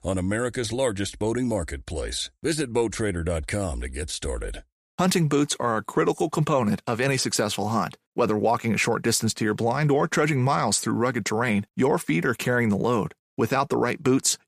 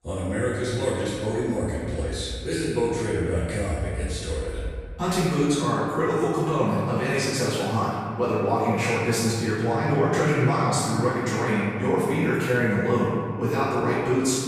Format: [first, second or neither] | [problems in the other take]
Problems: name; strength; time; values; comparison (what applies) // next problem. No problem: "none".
first | room echo; strong; dies away in 2 s // off-mic speech; far